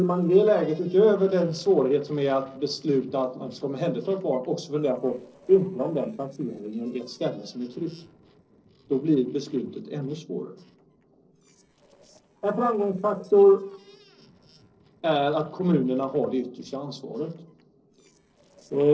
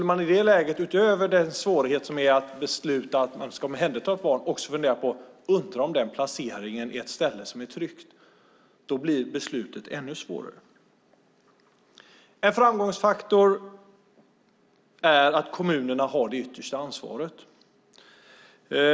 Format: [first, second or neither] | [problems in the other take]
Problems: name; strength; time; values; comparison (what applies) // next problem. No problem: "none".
second | noise reduction (neural separator model SepFormer DNS4)